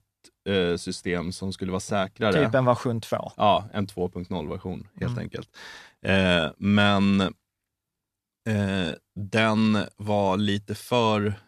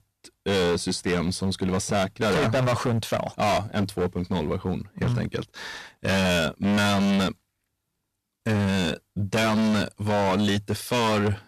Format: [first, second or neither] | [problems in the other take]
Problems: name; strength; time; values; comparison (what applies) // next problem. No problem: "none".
first | distortion; heavy; 22% of the sound clipped